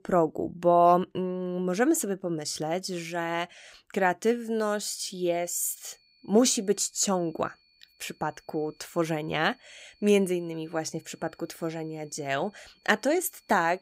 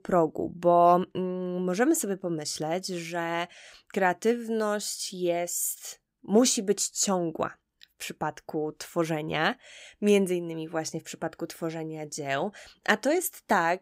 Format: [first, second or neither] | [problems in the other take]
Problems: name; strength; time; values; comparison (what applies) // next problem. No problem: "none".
second | high-pitched whine; faint; from 4.5 s on; 4.5 kHz, 35 dB below the speech